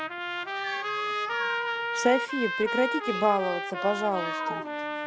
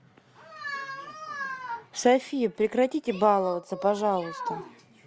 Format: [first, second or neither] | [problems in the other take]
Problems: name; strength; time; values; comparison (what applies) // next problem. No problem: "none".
second | background sound (Trumpet); 2 dB below the speech